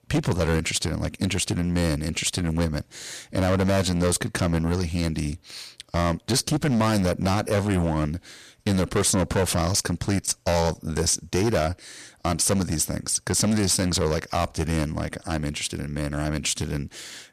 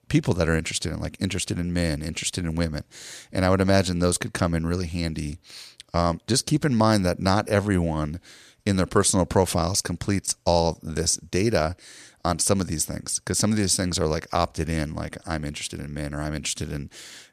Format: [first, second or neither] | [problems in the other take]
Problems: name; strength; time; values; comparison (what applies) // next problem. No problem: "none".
second | distortion; heavy; 11% of the sound clipped